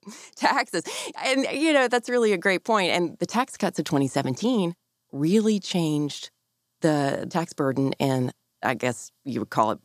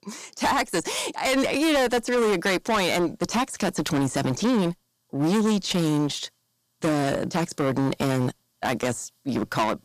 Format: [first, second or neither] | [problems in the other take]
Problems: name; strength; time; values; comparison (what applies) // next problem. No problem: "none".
first | distortion; heavy; 21% of the sound clipped